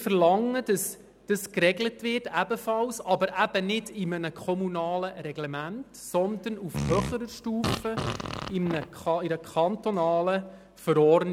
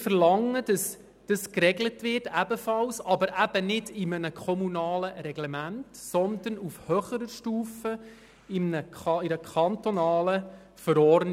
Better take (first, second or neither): second